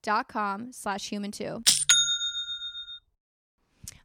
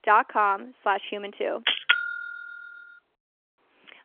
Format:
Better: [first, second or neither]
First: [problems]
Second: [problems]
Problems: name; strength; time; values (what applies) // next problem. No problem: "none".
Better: first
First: none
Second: phone-call audio; nothing above 3.5 kHz